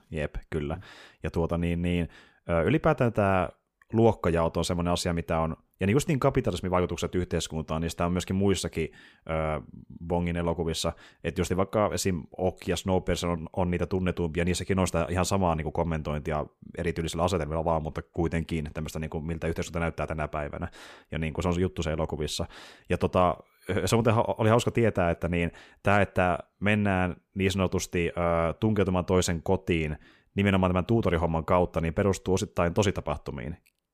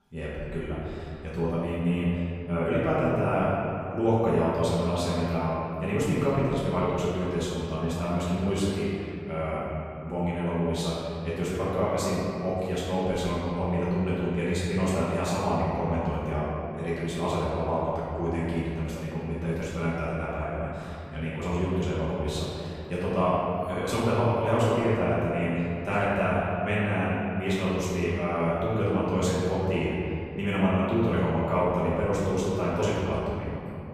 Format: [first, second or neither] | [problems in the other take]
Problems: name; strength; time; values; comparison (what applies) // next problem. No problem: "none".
first | room echo; strong; dies away in 2.5 s // off-mic speech; far